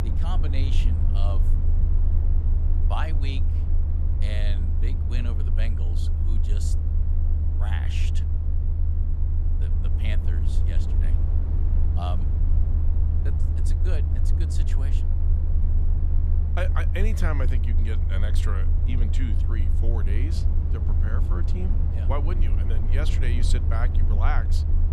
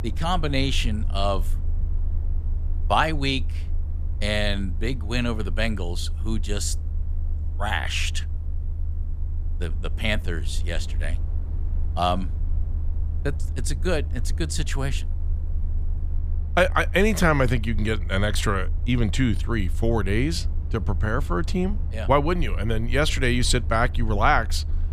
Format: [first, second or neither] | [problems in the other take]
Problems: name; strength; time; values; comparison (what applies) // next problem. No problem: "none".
second | low rumble; loud; throughout; 4 dB below the speech; faint in the second